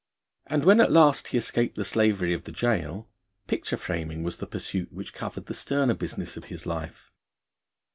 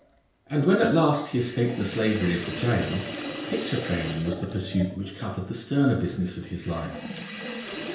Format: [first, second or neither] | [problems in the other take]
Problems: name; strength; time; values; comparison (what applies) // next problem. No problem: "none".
first | background sound (Sink (filling or washing)); 11 dB below the speech // room echo; dies away in 0.5 s